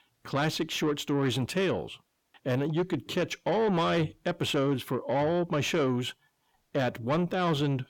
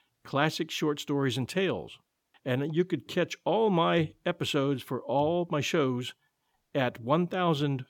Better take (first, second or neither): second